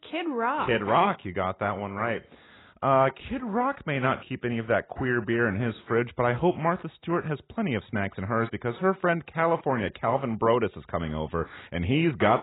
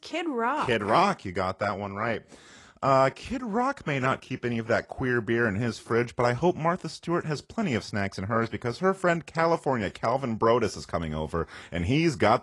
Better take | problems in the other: second | garbled, watery; badly; nothing above 3.5 kHz; slightly in the second

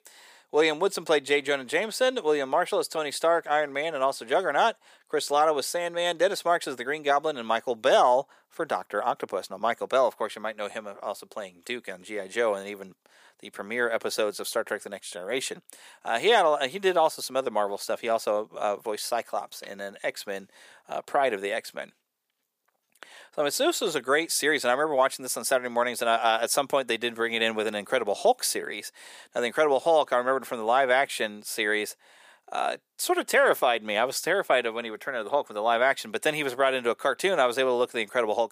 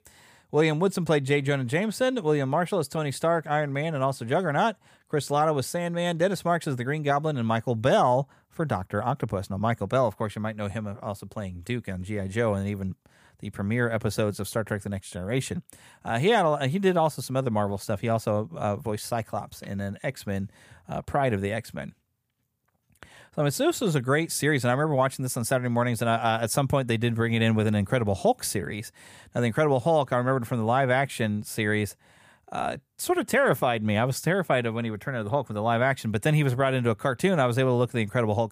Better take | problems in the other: second | thin; very; fading below 350 Hz

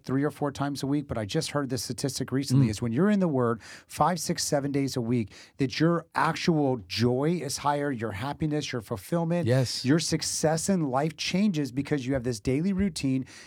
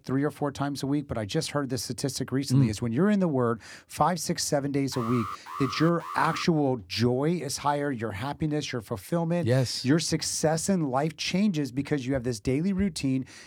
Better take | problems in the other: first | alarm; noticeable; from 5 to 6.5 s; peak 8 dB below the speech

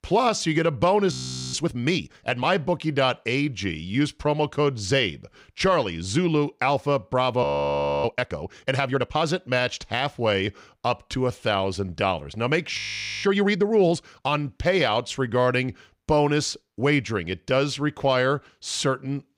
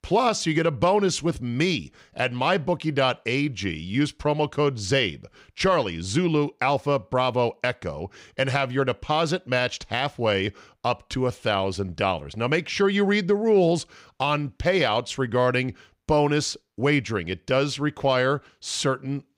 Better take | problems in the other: second | audio freezing; at 1 s, at 7.5 s for 0.5 s and at 13 s

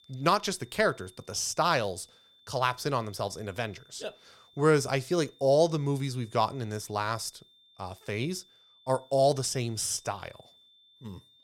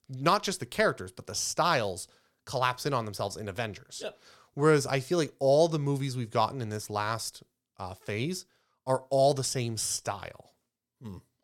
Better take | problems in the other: second | high-pitched whine; faint; throughout; 3.5 kHz, 30 dB below the speech

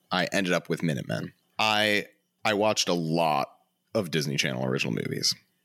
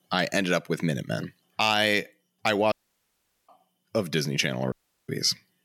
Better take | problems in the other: first | audio cutting out; at 2.5 s for 1 s and at 4.5 s

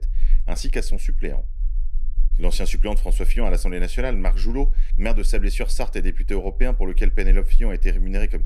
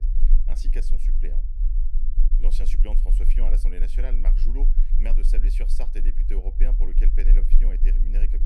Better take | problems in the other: first | low rumble; loud; throughout; 8 dB below the speech; faint in the first

